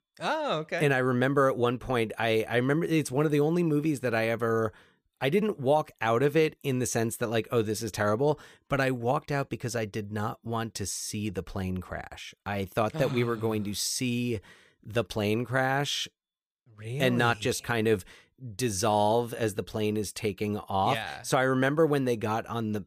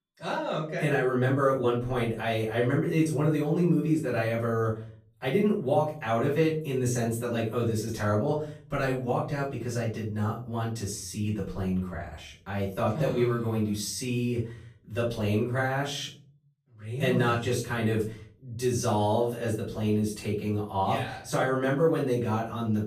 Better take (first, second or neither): first